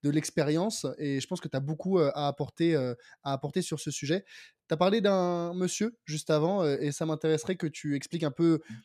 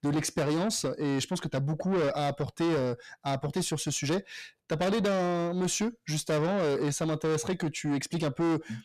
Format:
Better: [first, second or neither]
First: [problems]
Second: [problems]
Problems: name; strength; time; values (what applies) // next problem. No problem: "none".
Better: first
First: none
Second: distortion; heavy; 7 dB below the speech